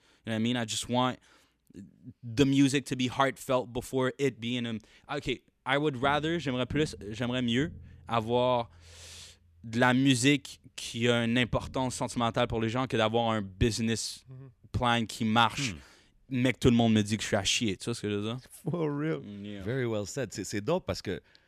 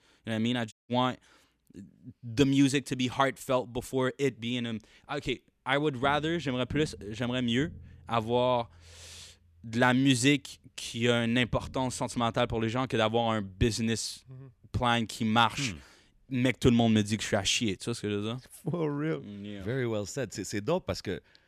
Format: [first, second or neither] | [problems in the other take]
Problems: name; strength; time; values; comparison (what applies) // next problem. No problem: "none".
first | audio cutting out; at 0.5 s